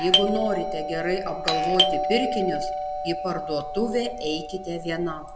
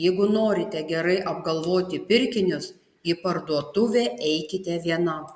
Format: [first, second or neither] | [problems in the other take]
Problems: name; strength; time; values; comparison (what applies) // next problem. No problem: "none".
second | background sound (Doorbell); as loud as the speech